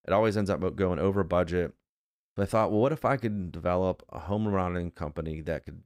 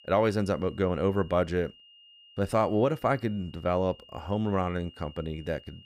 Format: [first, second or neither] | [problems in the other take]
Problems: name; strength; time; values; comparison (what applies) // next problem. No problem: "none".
first | high-pitched whine; faint; throughout; 3 kHz, 25 dB below the speech